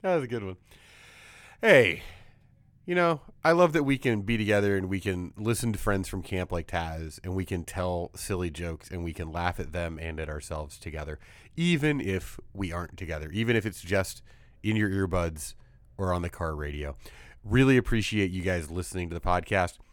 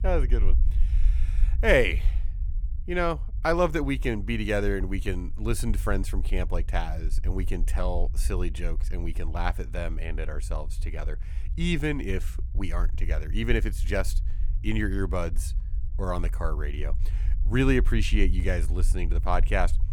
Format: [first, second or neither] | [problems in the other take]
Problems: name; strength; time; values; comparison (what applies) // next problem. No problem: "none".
first | low rumble; faint; throughout; 20 dB below the speech